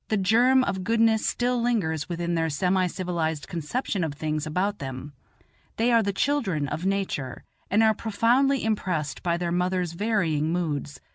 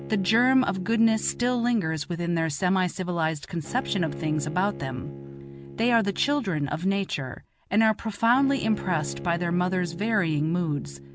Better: first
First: none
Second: background sound (Bowed string instrument); 14 dB below the speech

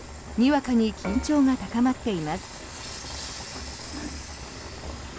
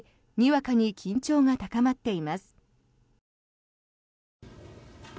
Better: second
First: background sound (Frying (food) / Dishes, pots, and pans); 10 dB below the speech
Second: none

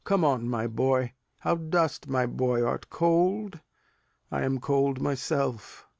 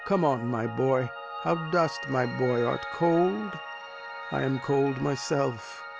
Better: first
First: none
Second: background sound (Piano); 11 dB below the speech

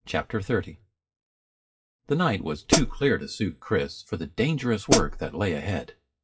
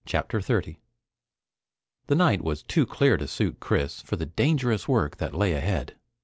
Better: second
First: noise reduction (classical method WPE with log-MMSE)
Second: none

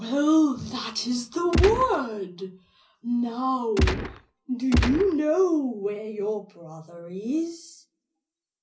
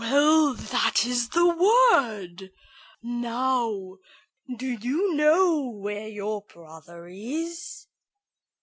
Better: second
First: background sound (Gunshot, gunfire); as loud as the speech // room echo; dies away in 0.5 s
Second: none

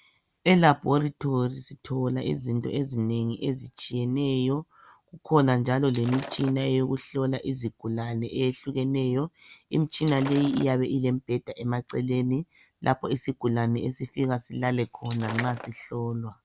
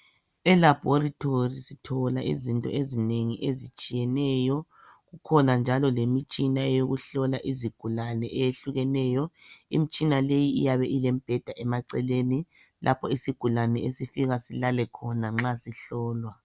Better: second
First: background sound (Shatter); 15 dB below the speech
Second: none

